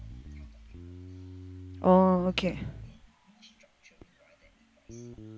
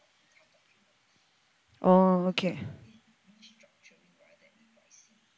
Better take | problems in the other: second | background sound (Bass guitar); 15 dB below the speech

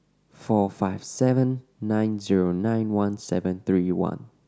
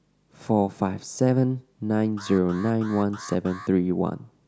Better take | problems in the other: first | background sound (Alarm); 17 dB below the speech

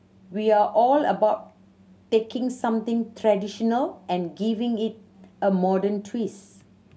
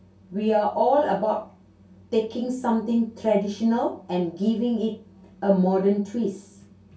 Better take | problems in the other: first | room echo; dies away in 0.2 s

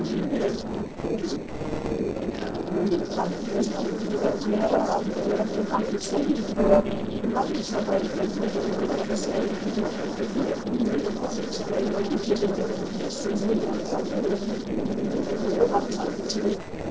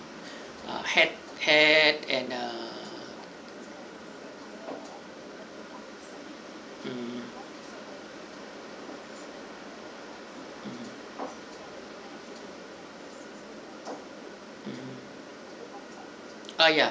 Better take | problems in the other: second | noise reduction (neural separator model SepFormer DNS4)

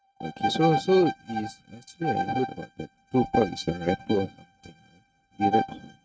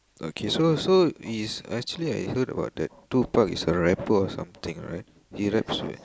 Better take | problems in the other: second | noise reduction (neural mask model RNNoise)

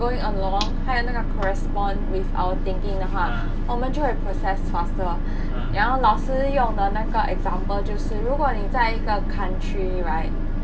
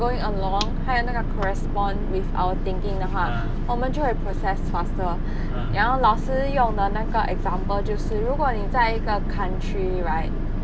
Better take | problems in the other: second | room echo; dies away in 0.3 s

